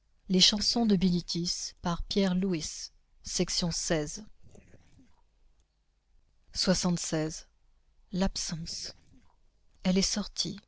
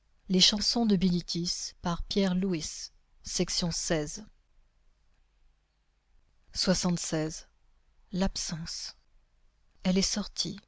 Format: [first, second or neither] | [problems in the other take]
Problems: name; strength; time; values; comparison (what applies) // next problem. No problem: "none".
second | noise reduction (neural separator model SepFormer DNS4)